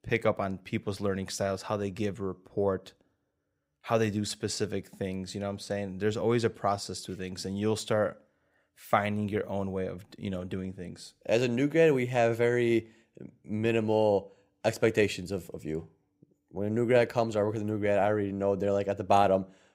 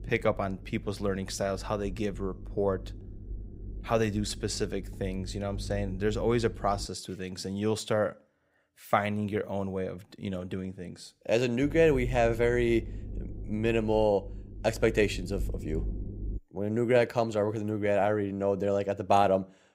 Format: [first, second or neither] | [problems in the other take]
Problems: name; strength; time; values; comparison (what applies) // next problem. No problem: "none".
first | low rumble; faint; until 7 s and from 12 to 16 s; 25 dB below the speech